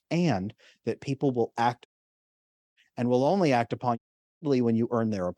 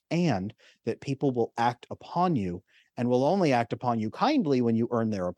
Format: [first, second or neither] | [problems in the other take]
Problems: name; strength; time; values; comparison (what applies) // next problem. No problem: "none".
second | audio cutting out; at 2 s for 1 s and at 4 s